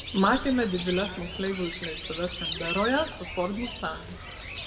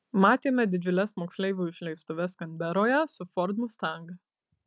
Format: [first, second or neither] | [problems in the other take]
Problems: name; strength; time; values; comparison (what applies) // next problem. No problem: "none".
second | background sound (Bird); 8 dB below the speech // room echo; dies away in 0.8 s